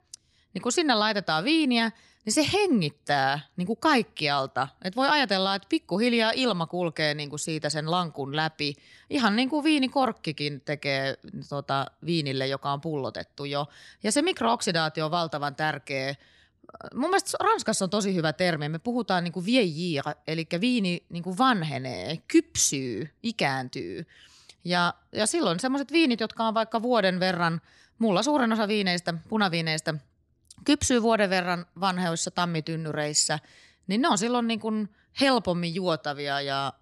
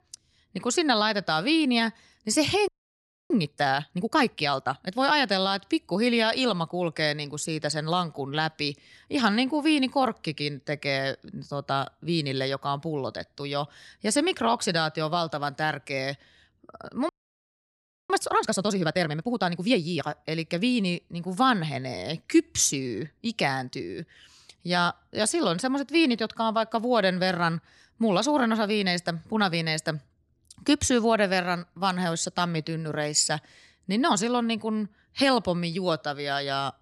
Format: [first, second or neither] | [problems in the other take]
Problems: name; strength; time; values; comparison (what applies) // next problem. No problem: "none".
first | audio freezing; at 2.5 s for 0.5 s and at 17 s for 1 s